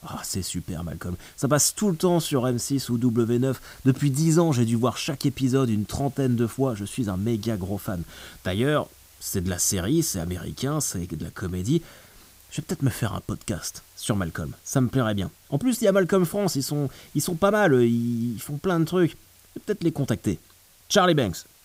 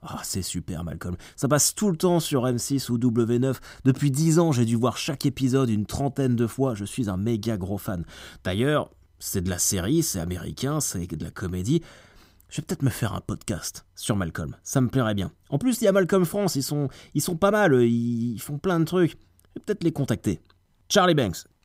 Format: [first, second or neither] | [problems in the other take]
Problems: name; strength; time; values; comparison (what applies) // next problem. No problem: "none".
second | hiss; faint; throughout; 25 dB below the speech